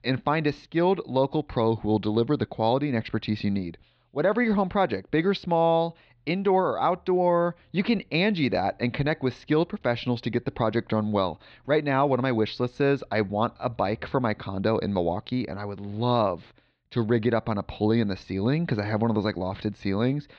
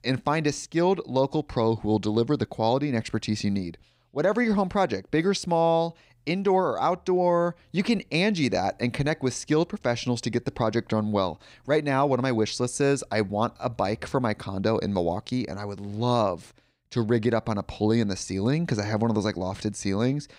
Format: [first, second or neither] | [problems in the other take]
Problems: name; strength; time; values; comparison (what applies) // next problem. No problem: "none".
second | muffled; very slightly; fading above 4 kHz